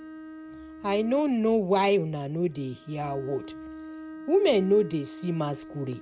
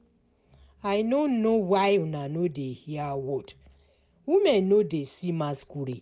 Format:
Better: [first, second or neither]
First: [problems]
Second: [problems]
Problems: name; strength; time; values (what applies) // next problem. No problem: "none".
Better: second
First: background sound (Bowed string instrument); 16 dB below the speech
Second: none